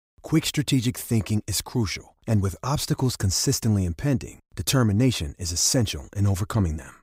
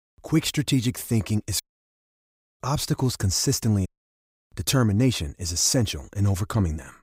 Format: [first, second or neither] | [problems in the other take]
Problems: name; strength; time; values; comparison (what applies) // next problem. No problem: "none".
first | audio cutting out; at 1.5 s for 1 s and at 4 s for 0.5 s